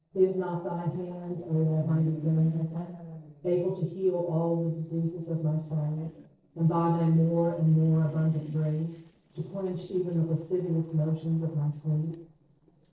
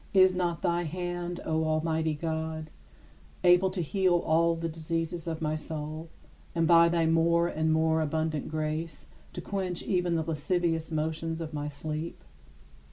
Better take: second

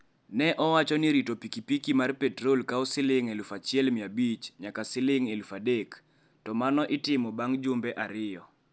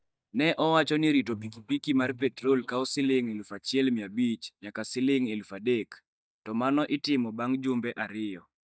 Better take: first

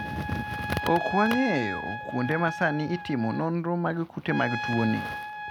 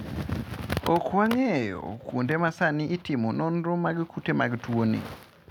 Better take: second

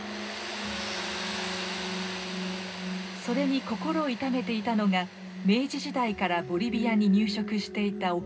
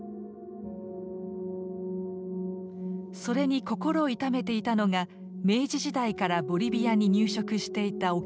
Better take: second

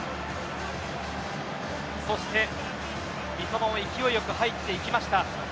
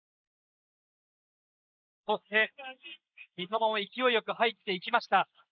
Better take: first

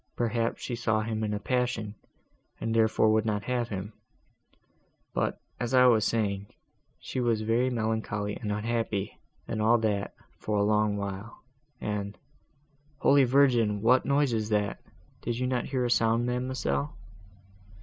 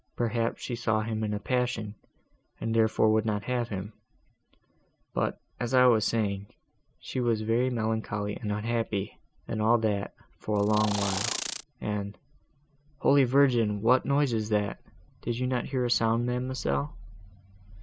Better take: first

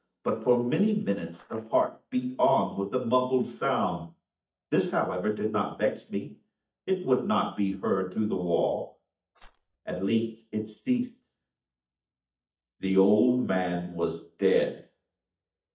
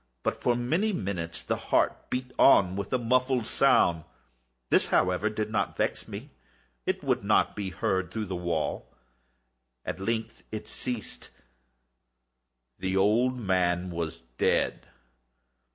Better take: second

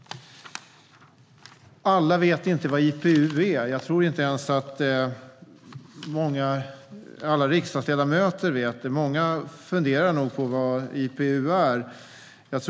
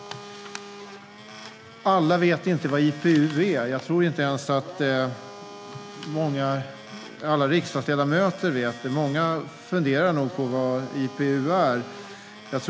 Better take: first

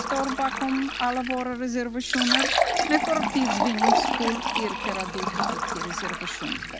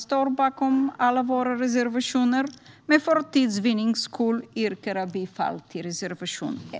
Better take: second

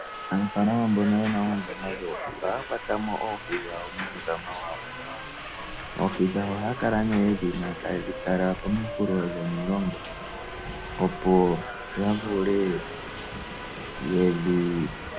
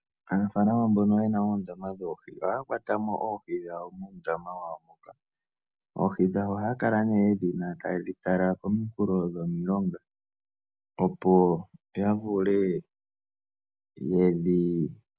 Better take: second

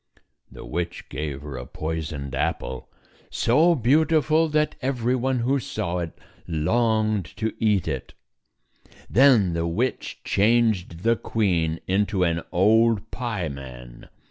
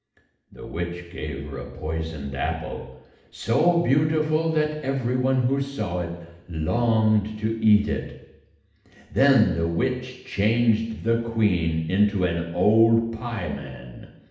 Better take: first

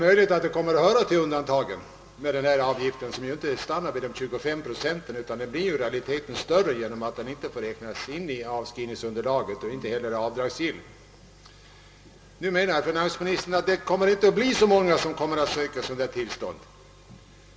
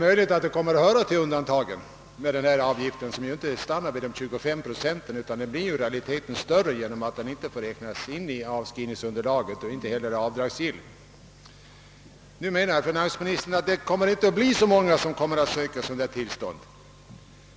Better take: second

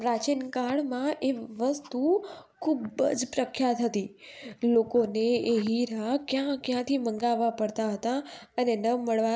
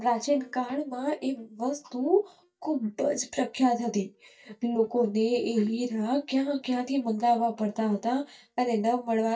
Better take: first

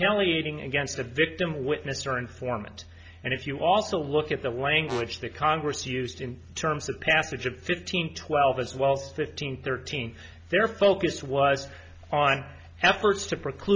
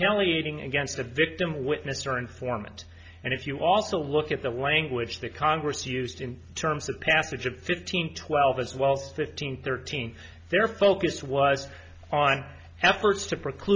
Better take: second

